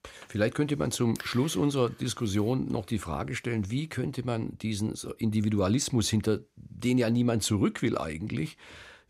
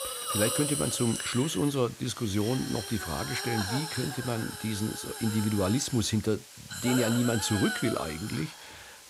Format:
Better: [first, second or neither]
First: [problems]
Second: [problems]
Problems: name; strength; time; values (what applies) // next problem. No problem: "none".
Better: first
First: none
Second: hiss; loud; throughout; 4 dB below the speech